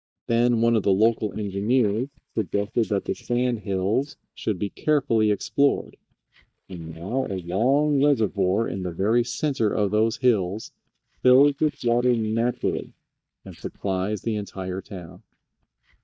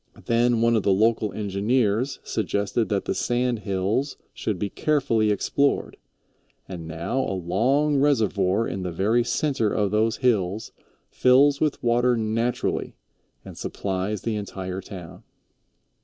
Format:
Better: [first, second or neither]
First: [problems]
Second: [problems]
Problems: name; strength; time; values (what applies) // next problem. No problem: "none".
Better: second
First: noise reduction (neural mask model DeepFilterNet 3)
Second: none